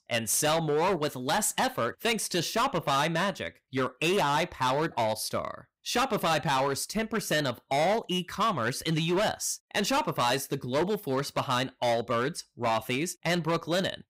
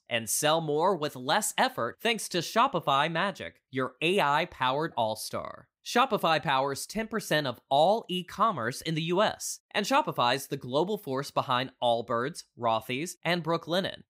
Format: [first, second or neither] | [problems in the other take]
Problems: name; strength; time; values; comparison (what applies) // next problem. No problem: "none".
second | distortion; heavy; 14% of the sound clipped